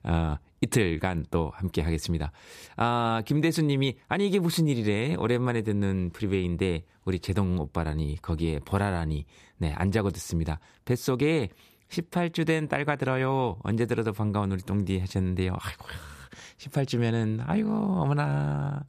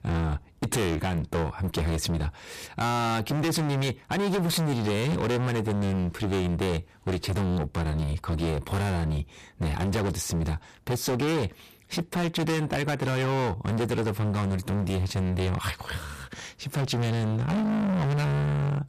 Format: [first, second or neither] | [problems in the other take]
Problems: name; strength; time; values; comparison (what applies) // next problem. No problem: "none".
first | distortion; heavy; 32% of the sound clipped